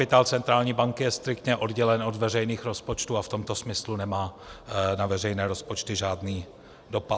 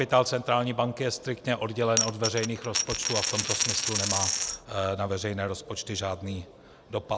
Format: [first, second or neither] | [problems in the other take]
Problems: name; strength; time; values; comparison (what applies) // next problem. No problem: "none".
first | background sound (Coin (dropping)); as loud as the speech